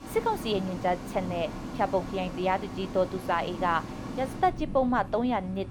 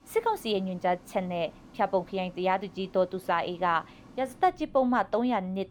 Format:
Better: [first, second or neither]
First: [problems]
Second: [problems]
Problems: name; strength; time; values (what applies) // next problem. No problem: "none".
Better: second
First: rain or running water; loud; throughout; 9 dB below the speech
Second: rain or running water; faint; throughout; 25 dB below the speech